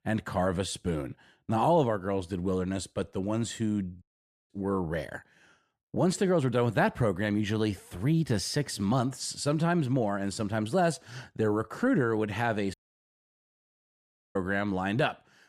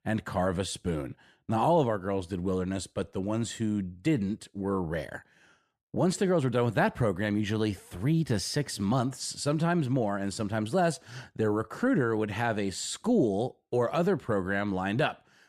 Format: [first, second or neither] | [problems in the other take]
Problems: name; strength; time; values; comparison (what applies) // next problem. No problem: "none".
second | audio cutting out; at 4 s and at 13 s for 1.5 s